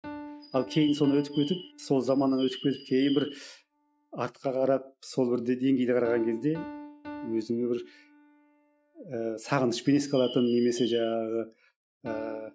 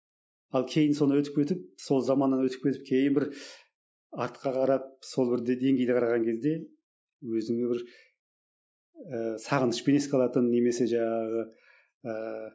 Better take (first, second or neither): second